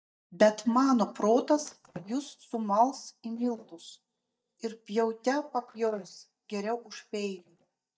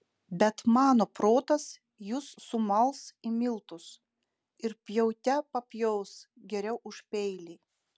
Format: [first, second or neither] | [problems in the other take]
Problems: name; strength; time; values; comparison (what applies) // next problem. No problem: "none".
second | noise reduction (neural mask model DeepFilterNet 3)